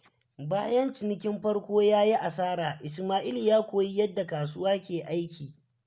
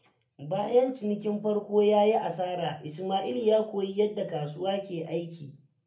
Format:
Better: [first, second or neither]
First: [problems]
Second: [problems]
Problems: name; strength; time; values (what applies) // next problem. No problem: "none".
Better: first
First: none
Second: room echo; dies away in 0.3 s